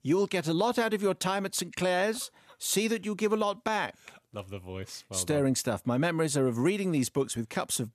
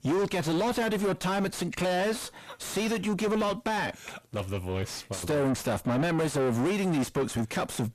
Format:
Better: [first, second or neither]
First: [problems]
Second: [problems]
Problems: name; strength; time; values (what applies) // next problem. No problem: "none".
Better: first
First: none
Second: distortion; heavy; 5 dB below the speech